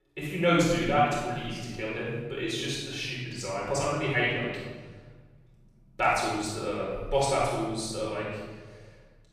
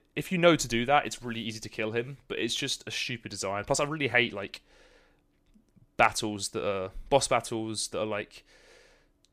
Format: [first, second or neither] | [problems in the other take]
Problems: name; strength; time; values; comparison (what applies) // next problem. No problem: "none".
second | off-mic speech; far // room echo; strong; dies away in 1.7 s